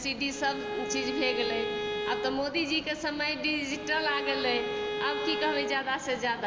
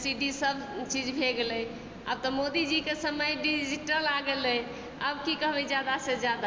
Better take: second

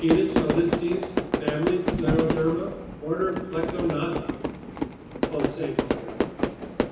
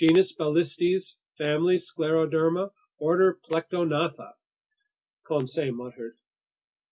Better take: second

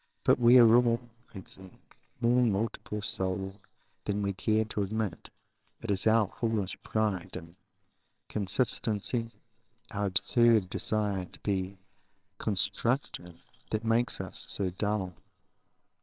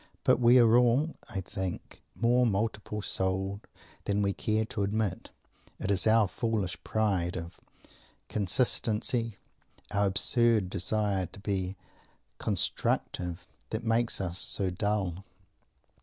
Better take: second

